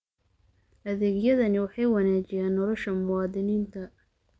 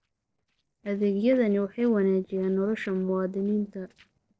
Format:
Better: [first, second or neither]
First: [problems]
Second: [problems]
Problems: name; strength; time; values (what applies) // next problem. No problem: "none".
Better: first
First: none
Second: noise reduction (neural separator model SepFormer DNS4)